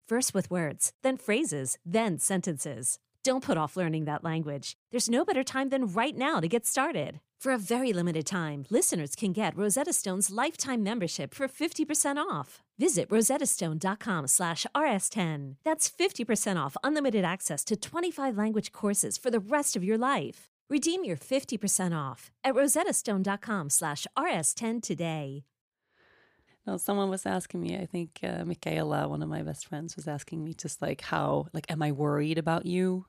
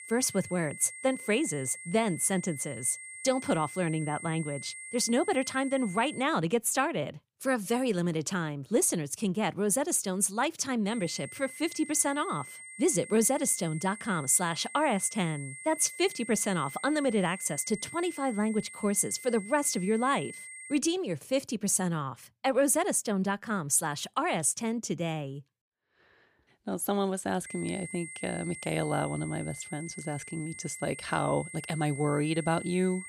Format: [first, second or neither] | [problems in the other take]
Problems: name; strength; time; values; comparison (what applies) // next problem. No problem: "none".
first | high-pitched whine; noticeable; until 6 s, from 11 to 21 s and from 27 s on; 2 kHz, 15 dB below the speech